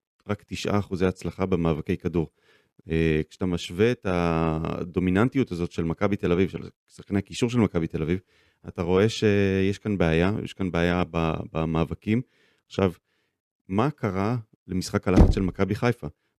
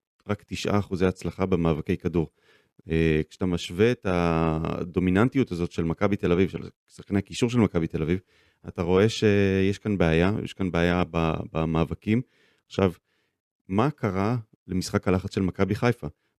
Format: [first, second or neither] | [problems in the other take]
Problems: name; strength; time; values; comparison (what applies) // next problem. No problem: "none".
second | door banging; loud; at 15 s; peak 5 dB above the speech